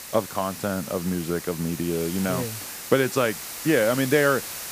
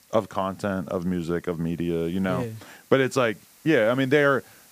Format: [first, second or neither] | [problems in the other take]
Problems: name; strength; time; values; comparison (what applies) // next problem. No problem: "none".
second | hiss; loud; throughout; 9 dB below the speech; faint in the second